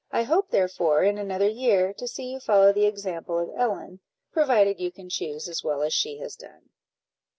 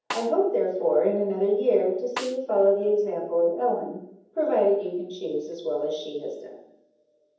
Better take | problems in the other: first | background sound (Snare drum); 12 dB below the speech // room echo; dies away in 0.8 s

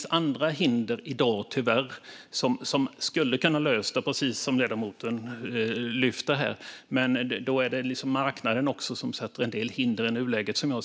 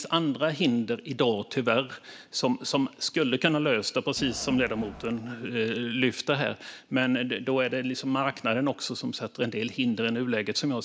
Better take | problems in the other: first | background sound (Crowd); 14 dB below the speech

